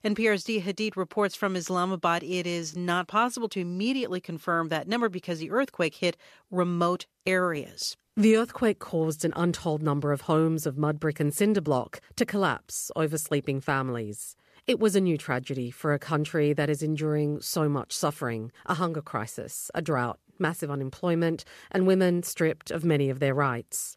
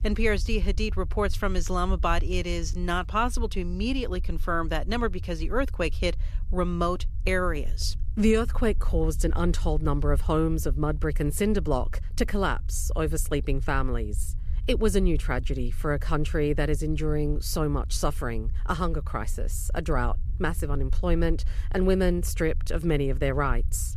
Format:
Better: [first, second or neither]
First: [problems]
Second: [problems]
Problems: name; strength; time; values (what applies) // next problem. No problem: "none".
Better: first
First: none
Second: low rumble; faint; throughout; 25 dB below the speech